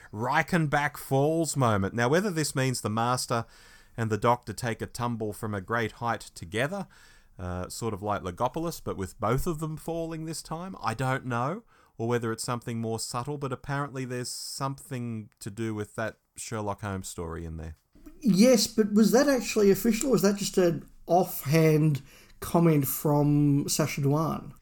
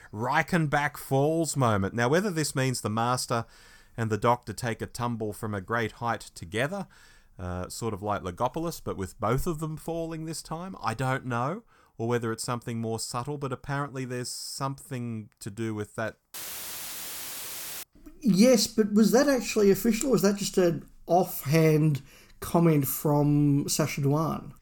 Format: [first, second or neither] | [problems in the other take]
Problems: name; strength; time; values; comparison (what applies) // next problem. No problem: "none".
first | audio cutting out; filled with static; at 16 s for 1.5 s